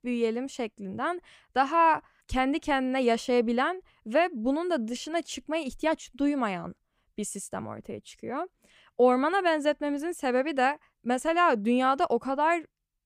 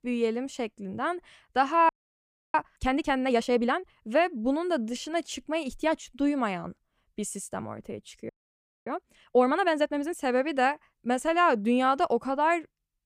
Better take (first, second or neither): first